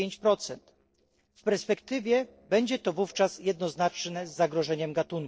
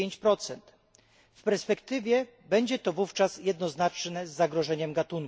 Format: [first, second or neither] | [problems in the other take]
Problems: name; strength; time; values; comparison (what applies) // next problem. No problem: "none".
second | noise reduction (neural separator model SepFormer DNS4)